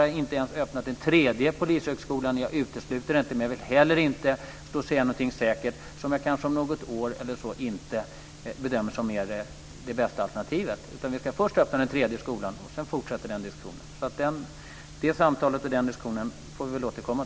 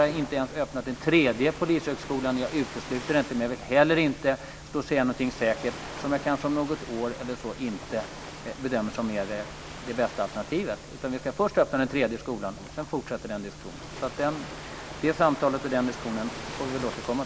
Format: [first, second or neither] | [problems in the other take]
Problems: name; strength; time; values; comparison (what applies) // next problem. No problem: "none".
first | background sound (Ocean); 14 dB below the speech